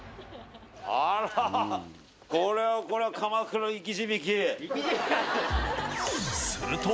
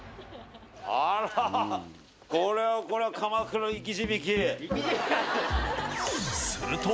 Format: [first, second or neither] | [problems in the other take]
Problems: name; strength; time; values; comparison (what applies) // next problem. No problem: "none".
first | background sound (Musical instrument); 13 dB below the speech